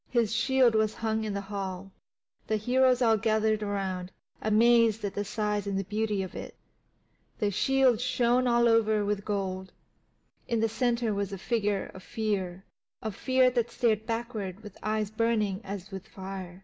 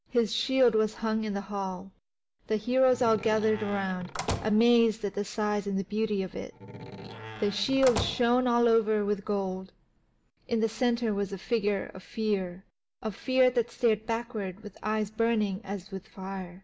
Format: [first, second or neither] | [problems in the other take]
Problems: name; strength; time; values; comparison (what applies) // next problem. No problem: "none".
first | background sound (Slam); 9 dB below the speech